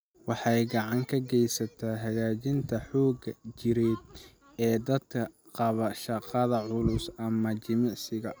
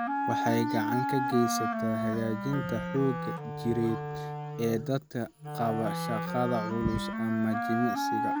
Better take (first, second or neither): first